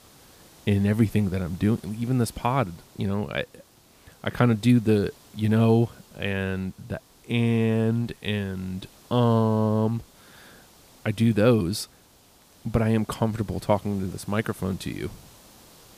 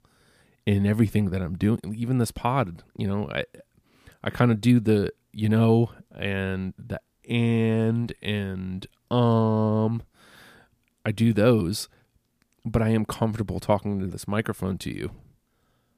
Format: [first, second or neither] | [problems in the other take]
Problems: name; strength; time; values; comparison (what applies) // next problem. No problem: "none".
second | hiss; faint; throughout; 25 dB below the speech